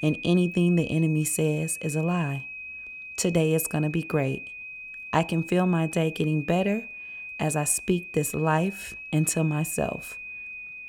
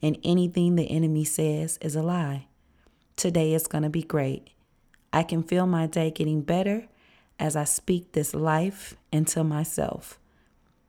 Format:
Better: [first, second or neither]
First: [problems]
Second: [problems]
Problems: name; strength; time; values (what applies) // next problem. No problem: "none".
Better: second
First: high-pitched whine; noticeable; throughout; 2.5 kHz, 10 dB below the speech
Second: none